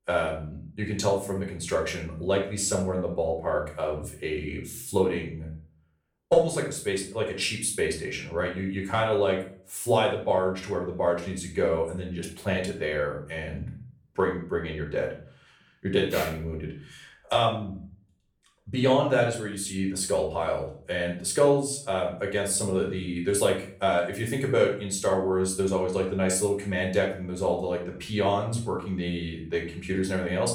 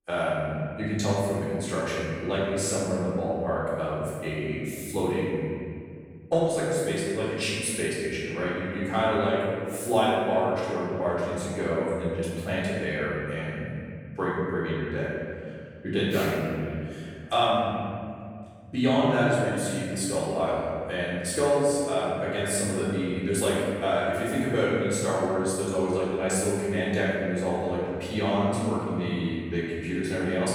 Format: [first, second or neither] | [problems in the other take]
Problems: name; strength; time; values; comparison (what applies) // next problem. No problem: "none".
first | room echo; strong; dies away in 2.1 s; slight in the first // off-mic speech; far; far in the first